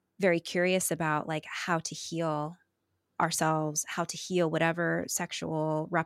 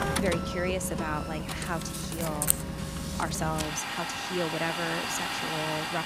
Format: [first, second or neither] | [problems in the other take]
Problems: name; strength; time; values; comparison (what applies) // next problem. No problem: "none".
first | household noises; very loud; throughout; 2 dB above the speech